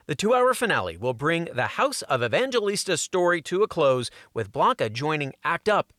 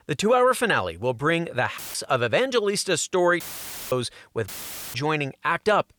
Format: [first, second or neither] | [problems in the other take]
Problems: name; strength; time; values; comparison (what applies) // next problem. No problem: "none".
first | audio cutting out; filled with static; at 2 s, at 3.5 s for 0.5 s and at 4.5 s